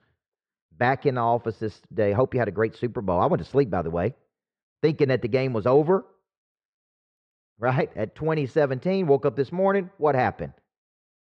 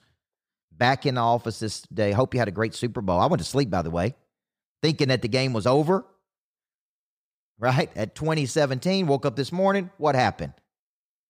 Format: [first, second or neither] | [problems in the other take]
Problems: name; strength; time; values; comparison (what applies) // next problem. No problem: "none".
second | muffled; slightly; fading above 2 kHz